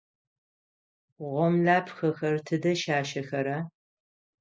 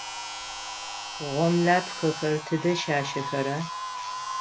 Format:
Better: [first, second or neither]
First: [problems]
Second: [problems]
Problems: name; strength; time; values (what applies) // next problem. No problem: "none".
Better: first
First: none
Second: background sound (Domestic sounds, home sounds + Wind); 7 dB below the speech